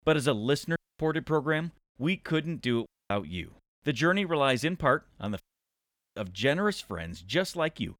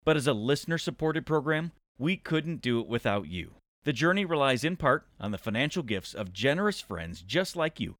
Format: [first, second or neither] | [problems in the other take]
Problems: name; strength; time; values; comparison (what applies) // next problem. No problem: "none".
second | audio cutting out; at 1 s, at 3 s and at 5.5 s for 1 s